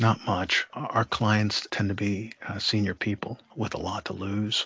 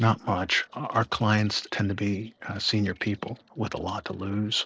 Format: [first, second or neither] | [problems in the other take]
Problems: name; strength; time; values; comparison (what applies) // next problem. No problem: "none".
first | noise reduction (neural separator model SepFormer DNS4)